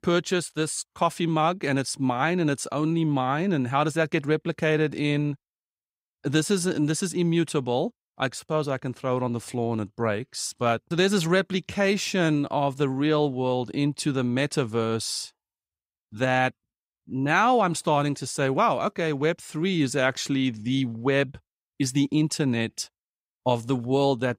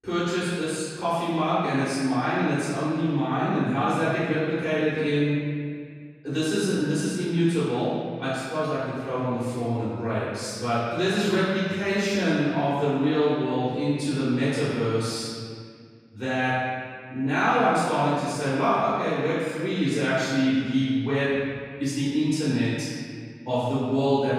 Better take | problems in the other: first | off-mic speech; far // room echo; strong; dies away in 1.9 s

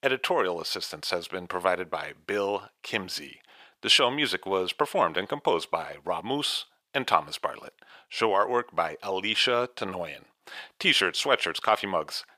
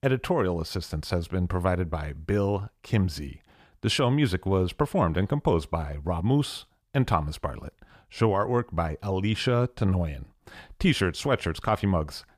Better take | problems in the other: second | thin; very; fading below 500 Hz

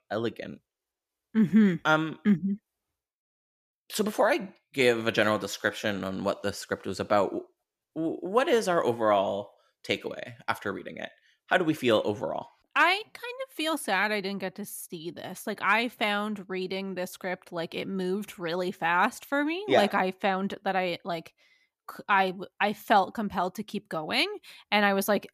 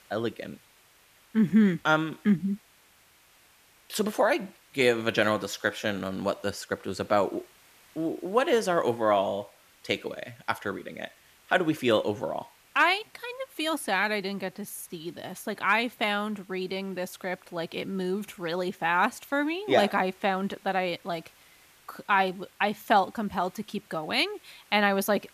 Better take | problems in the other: first | hiss; faint; throughout; 30 dB below the speech

